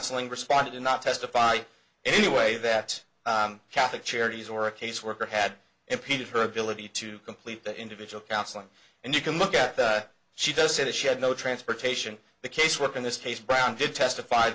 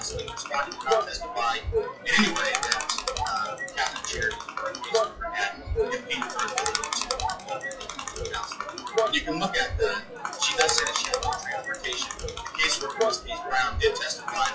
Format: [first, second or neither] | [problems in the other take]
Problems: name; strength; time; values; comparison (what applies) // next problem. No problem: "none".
first | noise reduction (classical method WPE with log-MMSE)